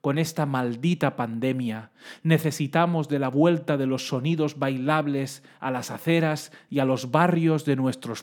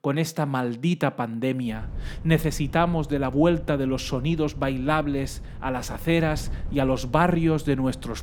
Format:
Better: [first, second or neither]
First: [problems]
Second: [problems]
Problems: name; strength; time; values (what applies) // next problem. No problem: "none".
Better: first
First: none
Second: wind noise on the microphone; occasional gusts; from 2 s on; 25 dB below the speech